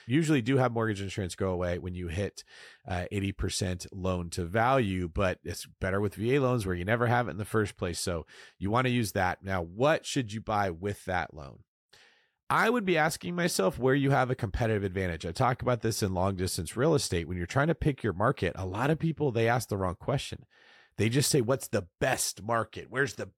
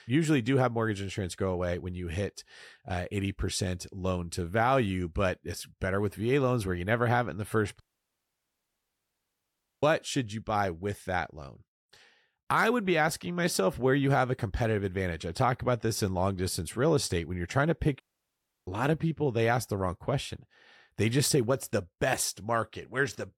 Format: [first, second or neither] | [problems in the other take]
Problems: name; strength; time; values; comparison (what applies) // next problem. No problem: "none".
first | audio cutting out; at 8 s for 2 s and at 18 s for 0.5 s